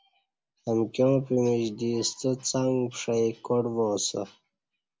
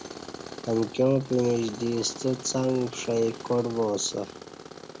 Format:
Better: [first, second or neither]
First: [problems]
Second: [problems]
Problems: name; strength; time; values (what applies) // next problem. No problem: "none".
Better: first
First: none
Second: background sound (Tools); 13 dB below the speech